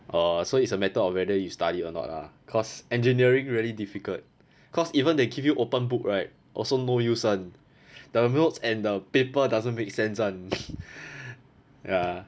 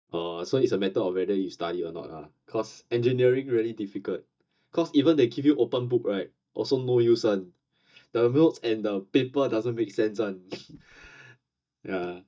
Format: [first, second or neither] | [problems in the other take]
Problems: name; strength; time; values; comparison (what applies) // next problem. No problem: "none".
first | noise reduction (neural mask model DeepFilterNet 3)